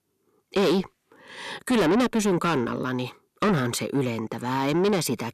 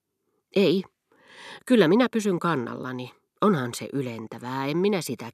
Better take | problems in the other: second | distortion; heavy; 6 dB below the speech

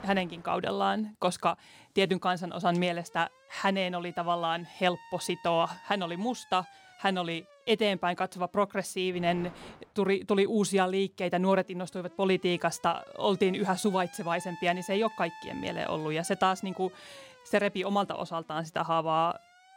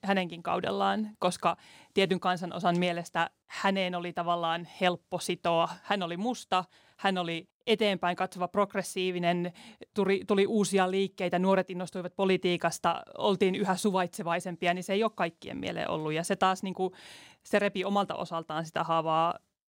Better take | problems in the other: second | alarms or sirens; faint; throughout; 20 dB below the speech

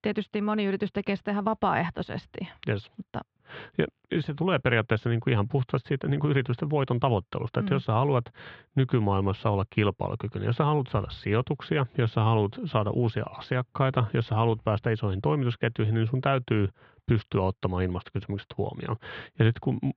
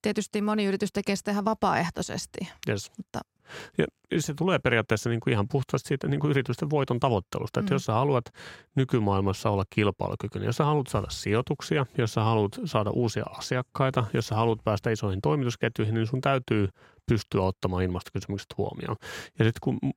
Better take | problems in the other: second | muffled; very; fading above 3.5 kHz

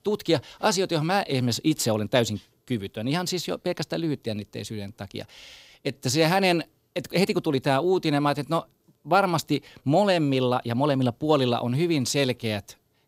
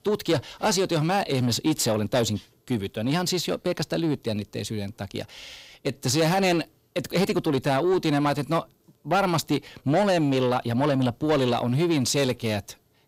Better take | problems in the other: first | distortion; slight; 10 dB below the speech

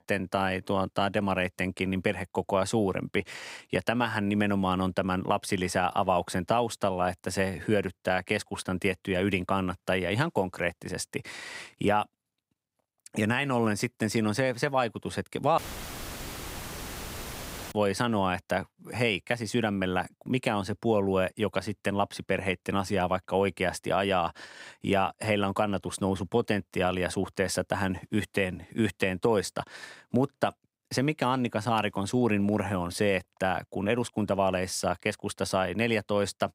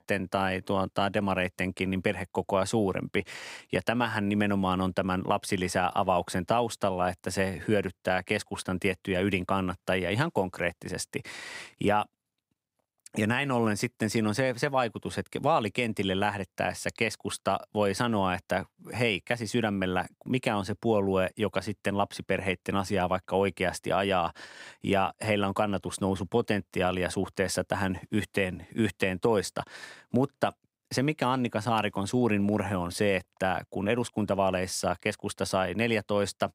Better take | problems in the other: second | audio cutting out; filled with static; at 16 s for 2 s

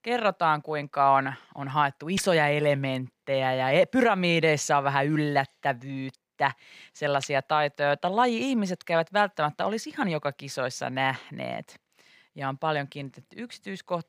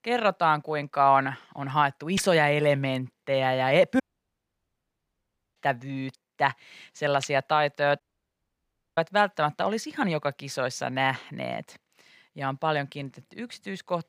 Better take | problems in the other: first | audio cutting out; at 4 s for 1.5 s and at 8 s for 1 s

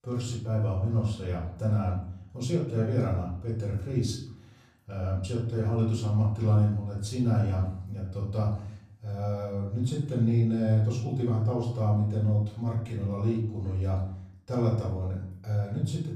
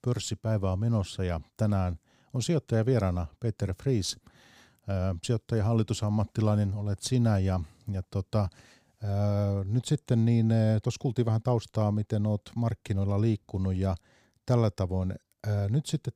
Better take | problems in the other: second | off-mic speech; far // room echo; noticeable; dies away in 0.6 s

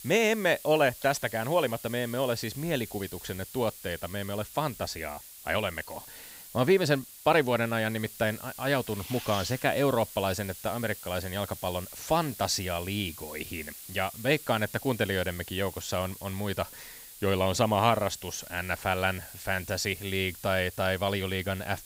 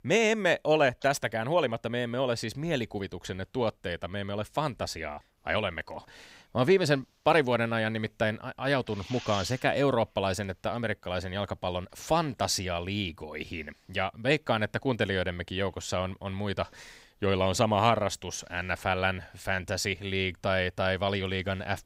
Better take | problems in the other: second | hiss; noticeable; throughout; 15 dB below the speech

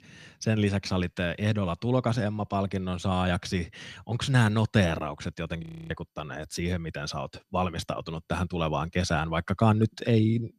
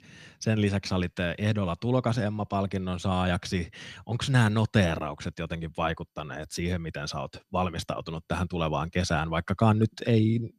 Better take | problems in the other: second | audio freezing; at 5.5 s

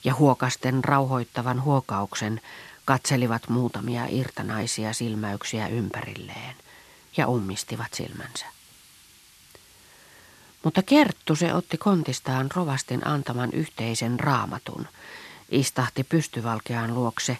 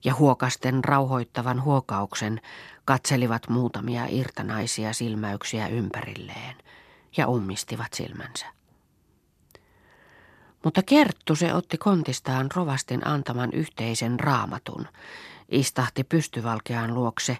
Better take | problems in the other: second | hiss; faint; throughout; 25 dB below the speech

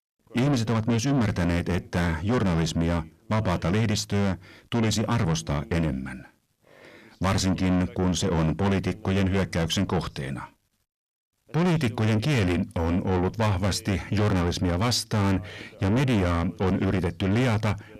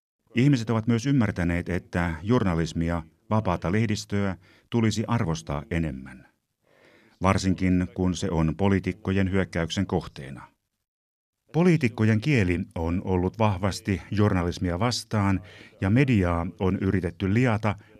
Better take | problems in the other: second | distortion; heavy; 6 dB below the speech

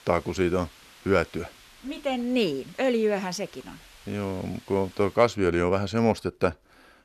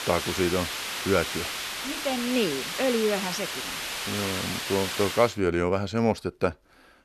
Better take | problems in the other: first | hiss; loud; until 5 s; 3 dB below the speech; faint in the first

